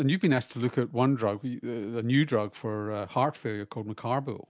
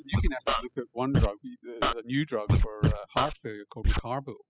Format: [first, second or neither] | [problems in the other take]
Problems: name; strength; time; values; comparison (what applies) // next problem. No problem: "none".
first | noise reduction (classical method spectral subtraction)